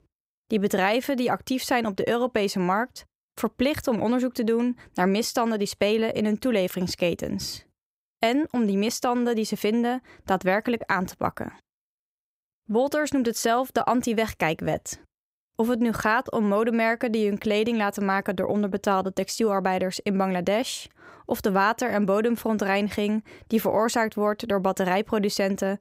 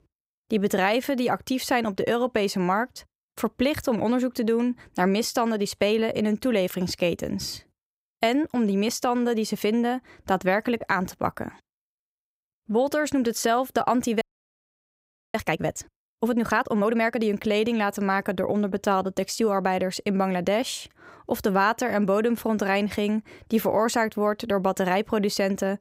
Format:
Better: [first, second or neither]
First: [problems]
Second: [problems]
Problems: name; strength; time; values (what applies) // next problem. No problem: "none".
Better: first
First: none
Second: audio freezing; at 14 s for 1 s